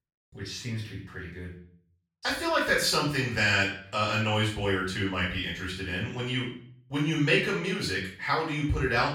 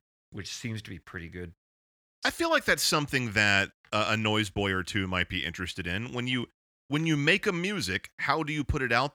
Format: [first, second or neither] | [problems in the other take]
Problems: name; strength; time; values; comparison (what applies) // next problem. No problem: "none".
second | room echo; noticeable; dies away in 0.5 s // off-mic speech; far